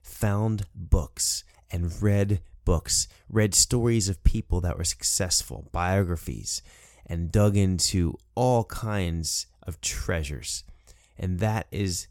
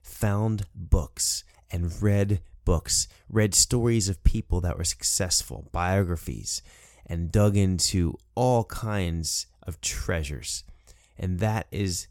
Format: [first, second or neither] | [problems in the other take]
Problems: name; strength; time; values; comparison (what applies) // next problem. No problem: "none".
neither | none